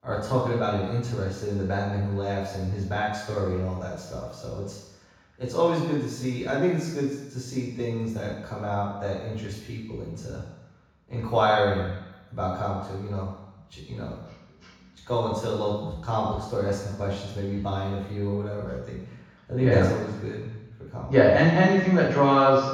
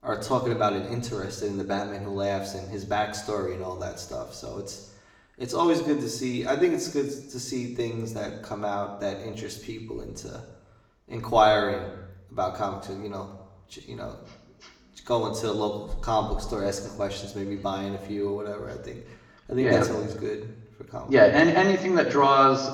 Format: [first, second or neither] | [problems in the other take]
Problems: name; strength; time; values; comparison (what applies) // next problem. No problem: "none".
second | room echo; strong; dies away in 1.1 s; slight in the second // off-mic speech; far; far in the second